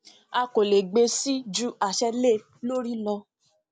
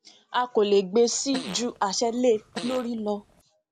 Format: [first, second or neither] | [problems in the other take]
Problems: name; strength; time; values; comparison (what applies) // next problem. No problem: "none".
first | background sound (Fart); 15 dB below the speech